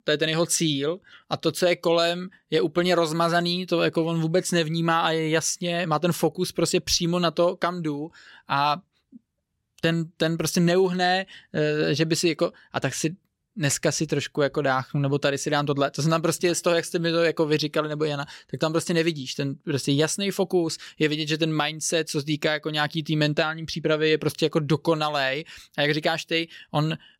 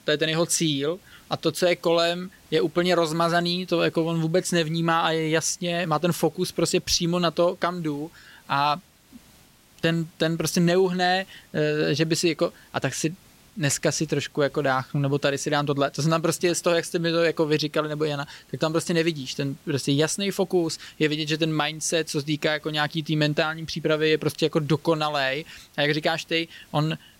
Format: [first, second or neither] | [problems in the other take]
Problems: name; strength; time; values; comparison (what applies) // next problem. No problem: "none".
first | hiss; faint; throughout; 30 dB below the speech